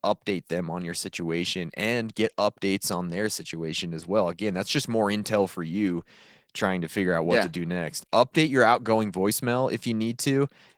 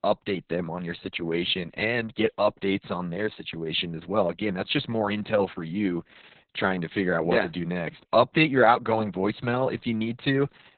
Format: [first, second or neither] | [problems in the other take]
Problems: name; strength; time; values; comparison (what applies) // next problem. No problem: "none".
first | garbled, watery; badly; nothing above 4 kHz; slightly in the first